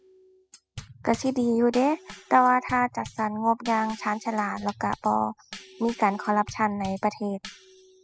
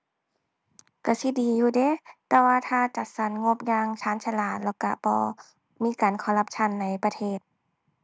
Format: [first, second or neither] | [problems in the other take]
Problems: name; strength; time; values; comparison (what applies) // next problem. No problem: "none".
second | noise reduction (classical method spectral subtraction)